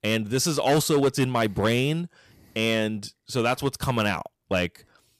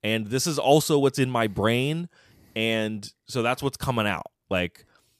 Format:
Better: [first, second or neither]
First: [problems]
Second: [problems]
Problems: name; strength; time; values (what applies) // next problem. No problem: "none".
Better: second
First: distortion; slight; 4% of the sound clipped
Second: none